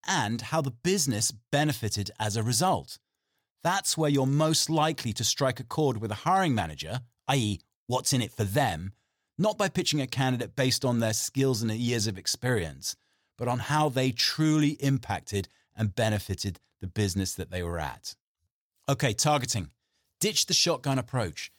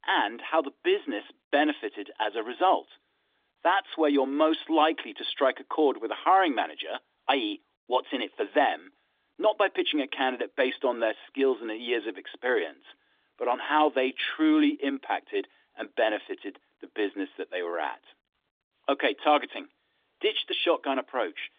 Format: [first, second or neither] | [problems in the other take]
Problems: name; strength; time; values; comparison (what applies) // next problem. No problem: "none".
first | phone-call audio